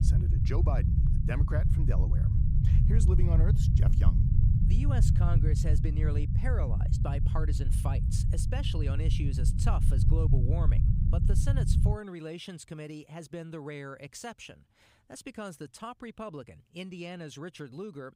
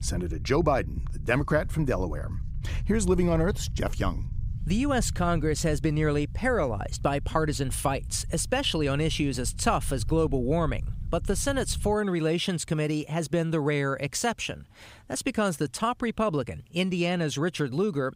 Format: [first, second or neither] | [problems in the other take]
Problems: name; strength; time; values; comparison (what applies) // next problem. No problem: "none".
second | low rumble; loud; until 12 s; as loud as the speech; faint in the second